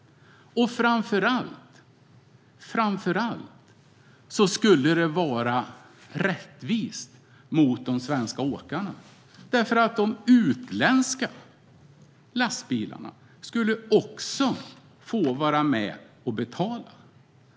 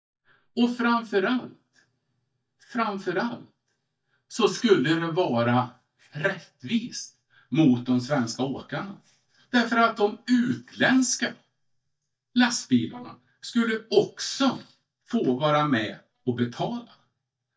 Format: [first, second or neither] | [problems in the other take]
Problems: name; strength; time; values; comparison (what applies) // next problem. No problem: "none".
first | noise reduction (neural mask model DeepFilterNet 3)